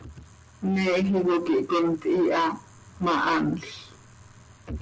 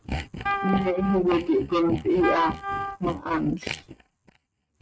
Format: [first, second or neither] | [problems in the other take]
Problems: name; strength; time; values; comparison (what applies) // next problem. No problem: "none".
first | noise reduction (neural mask model RNNoise)